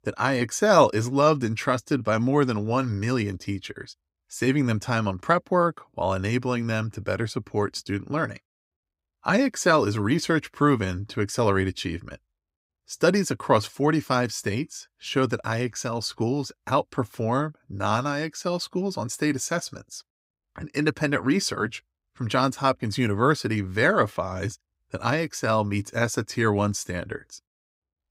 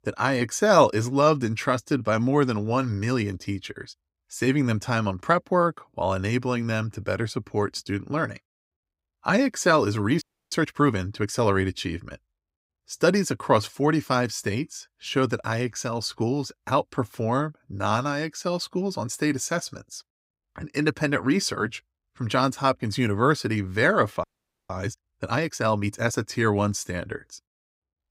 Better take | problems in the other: first | audio freezing; at 10 s and at 24 s

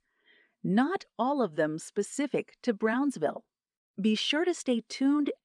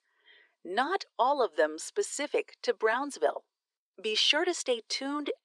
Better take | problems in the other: first | thin; very; fading below 400 Hz

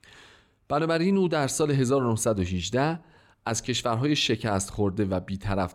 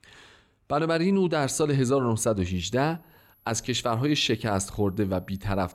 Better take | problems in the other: first | high-pitched whine; faint; from 2.5 s on; 11.5 kHz, 35 dB below the speech

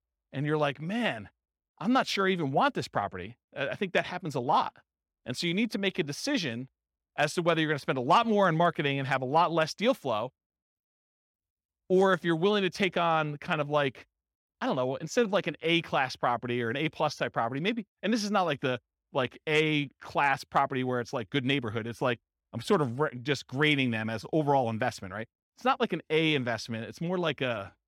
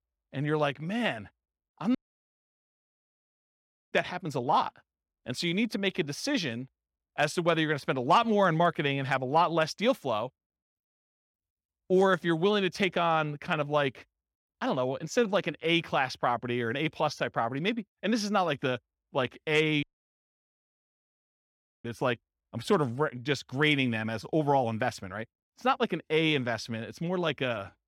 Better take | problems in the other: first | audio cutting out; at 2 s for 2 s and at 20 s for 2 s

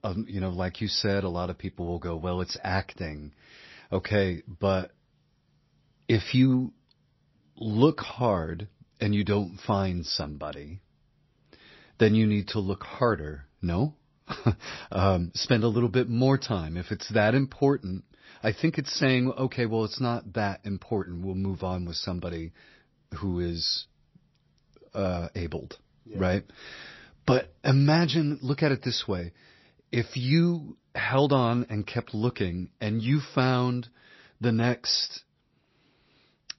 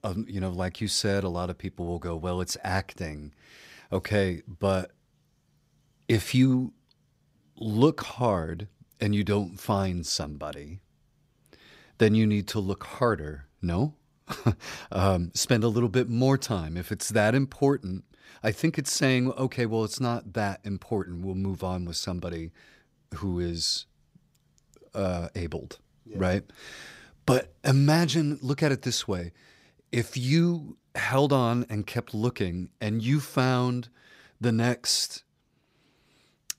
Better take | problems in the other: second | garbled, watery; slightly; nothing above 5.5 kHz

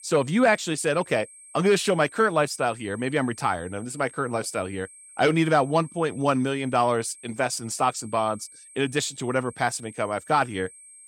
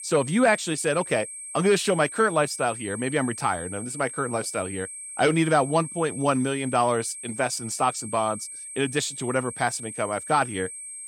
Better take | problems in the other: first | high-pitched whine; loud; throughout; 8.5 kHz, 10 dB below the speech; faint in the first

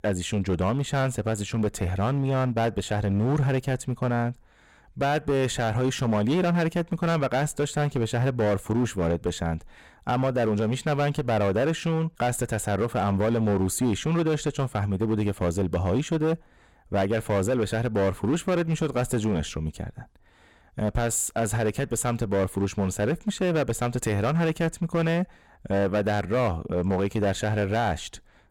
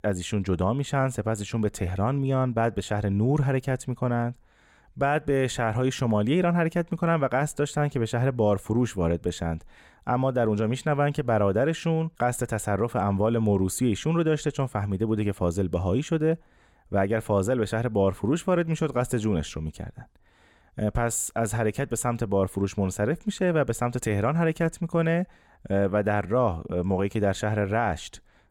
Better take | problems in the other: second | distortion; slight; 12% of the sound clipped

